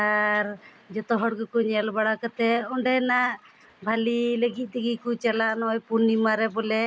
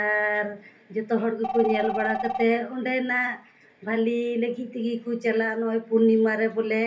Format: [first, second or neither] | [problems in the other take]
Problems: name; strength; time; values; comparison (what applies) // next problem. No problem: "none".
first | background sound (Telephone); 10 dB below the speech // room echo; dies away in 0.3 s